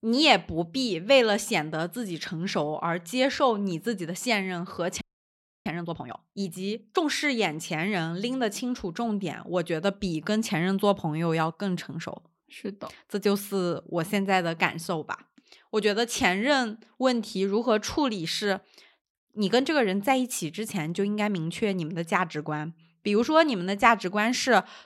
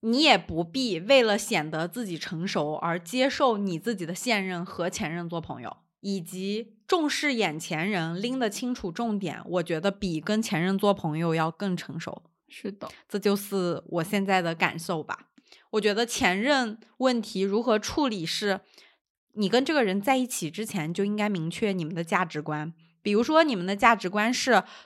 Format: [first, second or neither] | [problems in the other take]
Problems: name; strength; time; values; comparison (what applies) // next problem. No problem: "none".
second | audio freezing; at 5 s for 0.5 s